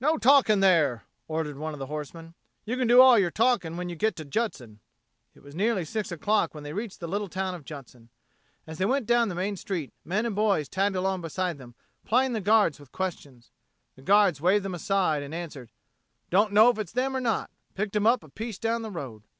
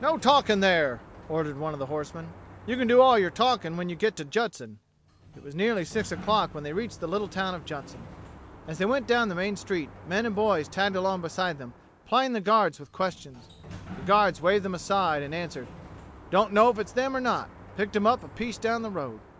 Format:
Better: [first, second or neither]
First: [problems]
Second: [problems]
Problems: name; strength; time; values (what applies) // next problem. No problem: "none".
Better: first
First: none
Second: background sound (Sliding door); 19 dB below the speech